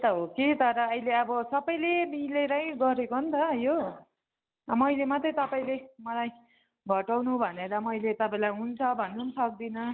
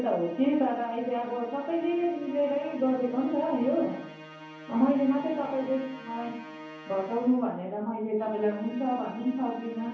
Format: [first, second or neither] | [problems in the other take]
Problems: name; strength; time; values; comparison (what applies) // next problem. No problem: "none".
first | background sound (Musical instrument); 17 dB below the speech // room echo; dies away in 0.7 s